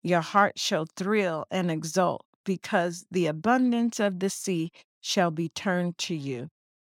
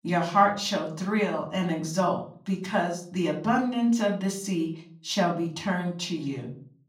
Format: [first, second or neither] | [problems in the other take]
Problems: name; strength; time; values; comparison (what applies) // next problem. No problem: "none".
first | off-mic speech; far // room echo; slight; dies away in 0.4 s